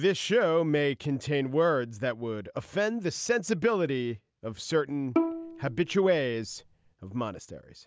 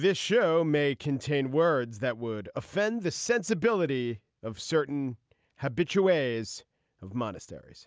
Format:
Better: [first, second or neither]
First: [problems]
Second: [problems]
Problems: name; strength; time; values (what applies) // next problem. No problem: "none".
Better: second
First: background sound (Bowed string instrument); 5 dB below the speech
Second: none